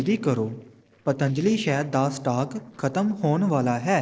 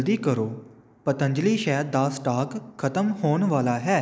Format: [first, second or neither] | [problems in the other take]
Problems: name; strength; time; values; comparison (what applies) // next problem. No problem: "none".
second | noise reduction (neural separator model SepFormer DNS4)